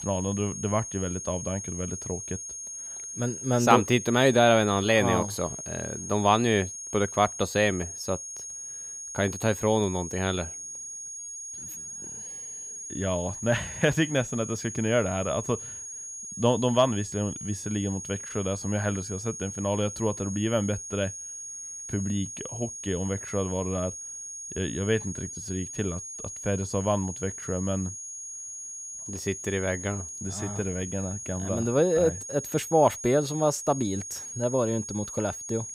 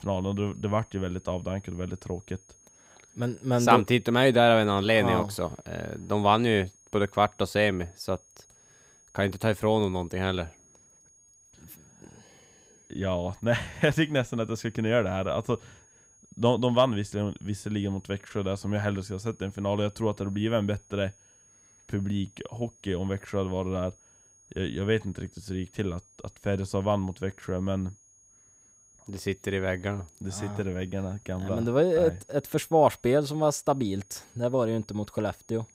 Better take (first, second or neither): second